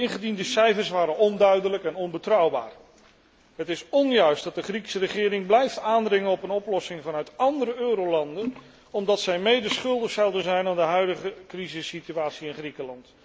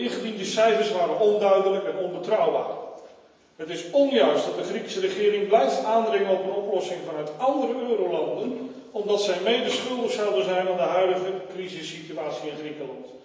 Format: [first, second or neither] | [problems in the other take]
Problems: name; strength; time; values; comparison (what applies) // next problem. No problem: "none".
first | room echo; dies away in 1 s